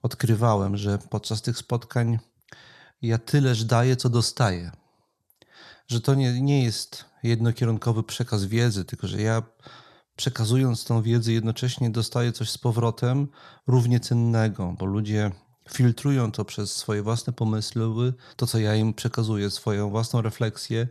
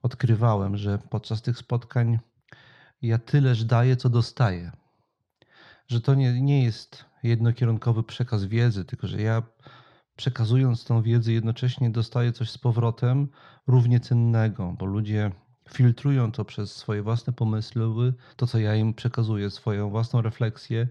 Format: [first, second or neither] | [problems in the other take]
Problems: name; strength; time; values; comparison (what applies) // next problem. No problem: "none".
first | muffled; very slightly; fading above 3 kHz